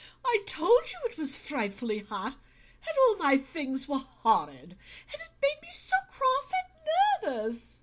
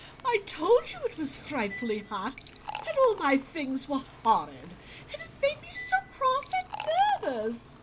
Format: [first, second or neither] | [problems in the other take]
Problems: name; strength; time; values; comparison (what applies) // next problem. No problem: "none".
first | background sound (Liquid); 16 dB below the speech